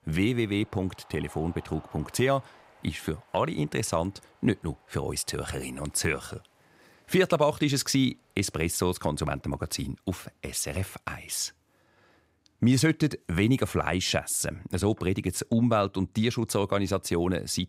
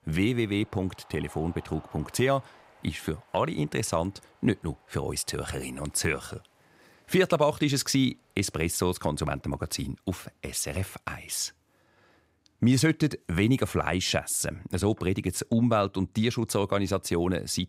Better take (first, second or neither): neither